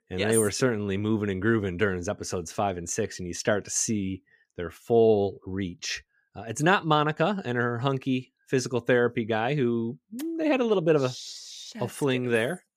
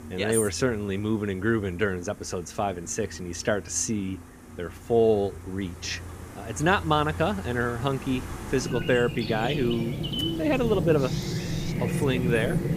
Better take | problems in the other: first | animal sounds; loud; throughout; 6 dB below the speech

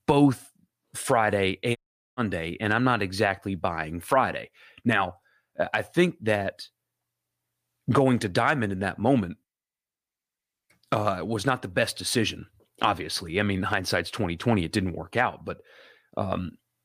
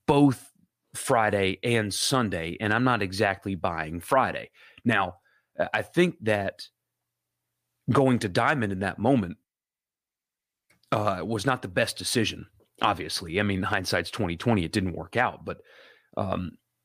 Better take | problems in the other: second | audio cutting out; at 2 s

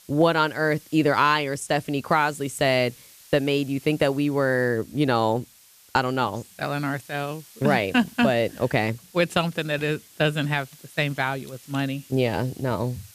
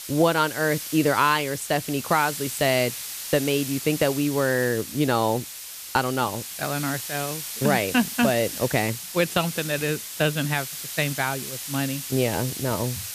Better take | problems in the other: first | hiss; loud; throughout; 7 dB below the speech; faint in the first

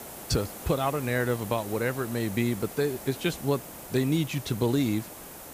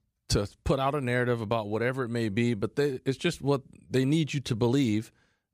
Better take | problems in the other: second | hiss; noticeable; throughout; 10 dB below the speech

